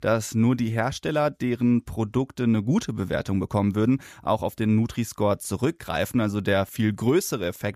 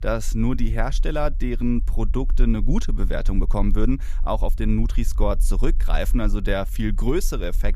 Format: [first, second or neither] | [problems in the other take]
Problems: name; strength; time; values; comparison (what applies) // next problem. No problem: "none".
first | low rumble; faint; throughout; 25 dB below the speech